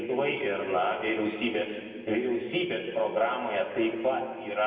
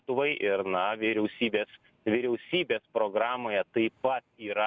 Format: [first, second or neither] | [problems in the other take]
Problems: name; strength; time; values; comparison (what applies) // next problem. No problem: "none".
second | room echo; dies away in 2.3 s